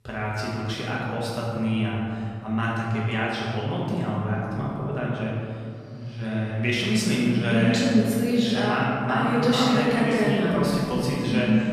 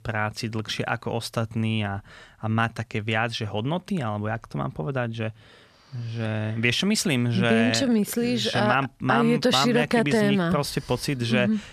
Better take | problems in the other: second | room echo; strong; dies away in 2.1 s // off-mic speech; far

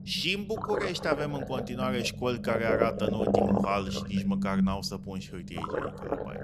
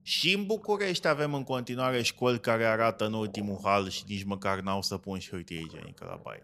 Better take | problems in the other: second | low rumble; loud; throughout; 2 dB below the speech; faint in the second

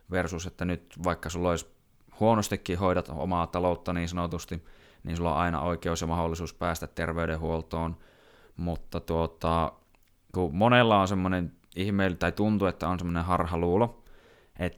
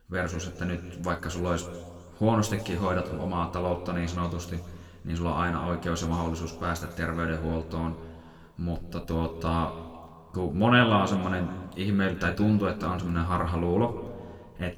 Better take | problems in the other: first | room echo; slight; dies away in 1.5 s // off-mic speech; somewhat distant

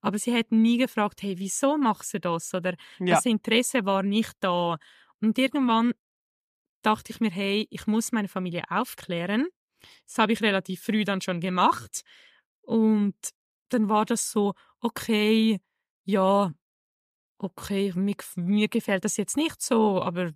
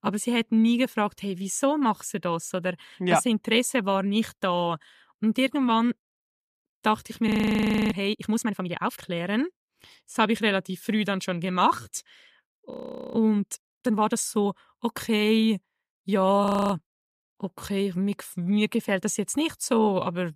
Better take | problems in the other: first | audio freezing; at 7.5 s for 0.5 s, at 13 s and at 16 s

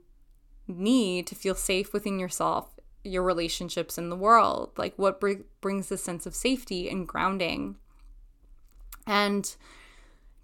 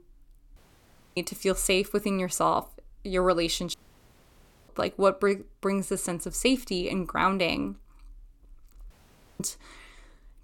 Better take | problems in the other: first | audio cutting out; at 0.5 s for 0.5 s, at 3.5 s for 1 s and at 9 s

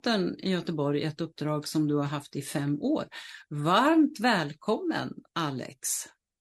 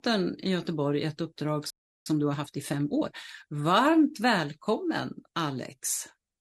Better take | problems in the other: first | audio freezing; at 1.5 s

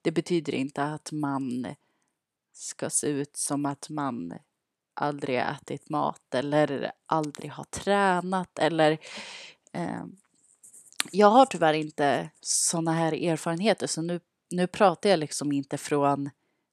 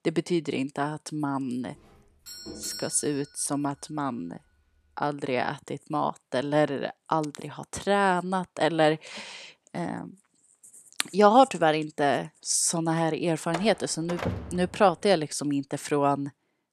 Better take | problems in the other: first | doorbell; noticeable; from 1.5 to 3.5 s; peak 9 dB below the speech // door banging; noticeable; from 14 to 15 s; peak 6 dB below the speech

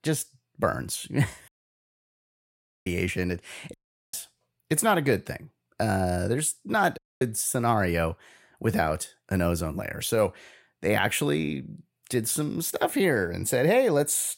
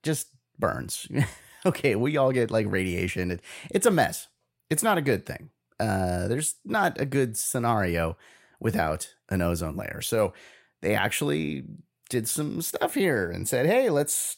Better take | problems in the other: second | audio cutting out; at 1.5 s for 1.5 s, at 3.5 s and at 7 s

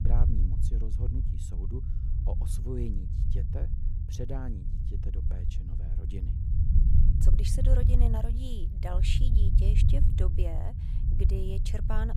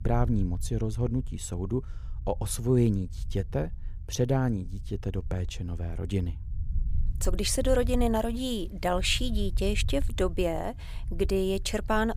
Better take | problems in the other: second | low rumble; loud; throughout; 2 dB below the speech; faint in the second

